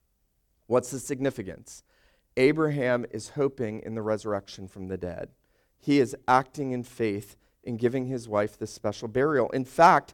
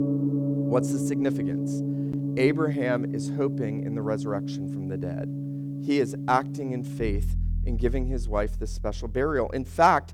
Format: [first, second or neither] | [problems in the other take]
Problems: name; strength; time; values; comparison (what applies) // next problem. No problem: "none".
first | background music; loud; throughout; 2 dB below the speech